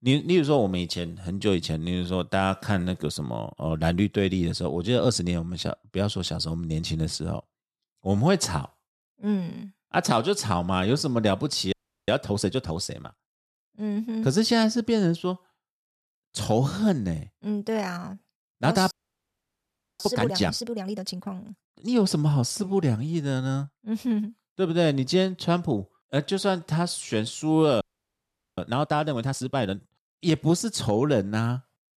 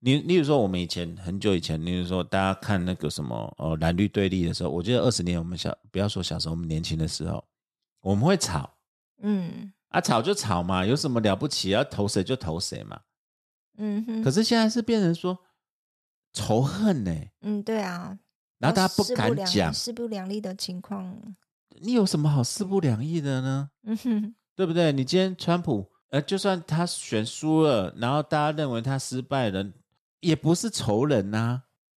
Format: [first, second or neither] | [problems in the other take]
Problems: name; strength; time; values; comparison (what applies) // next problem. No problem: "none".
second | audio freezing; at 12 s, at 19 s for 1 s and at 28 s for 1 s